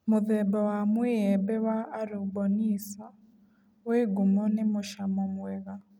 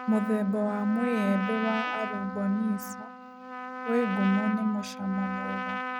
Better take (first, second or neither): first